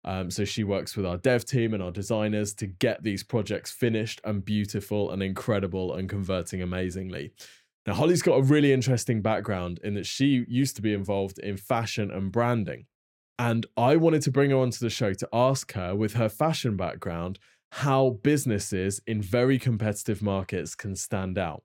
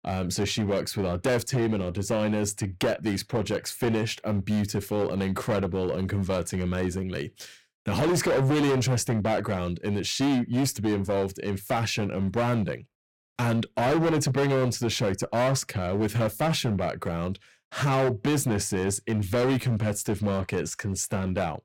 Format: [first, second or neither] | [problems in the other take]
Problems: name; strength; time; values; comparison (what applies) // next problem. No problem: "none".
first | distortion; heavy; 15% of the sound clipped